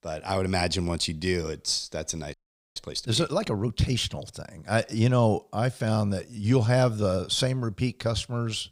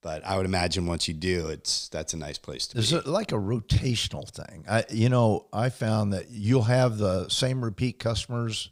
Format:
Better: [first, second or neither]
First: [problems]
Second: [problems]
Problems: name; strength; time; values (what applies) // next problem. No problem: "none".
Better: second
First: audio freezing; at 2.5 s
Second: none